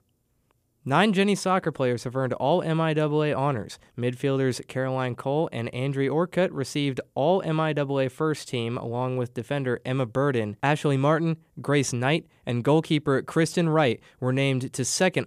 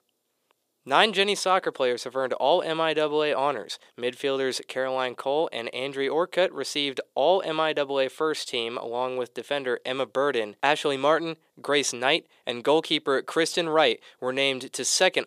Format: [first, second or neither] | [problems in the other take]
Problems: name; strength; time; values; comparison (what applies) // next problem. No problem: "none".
first | thin; somewhat; fading below 500 Hz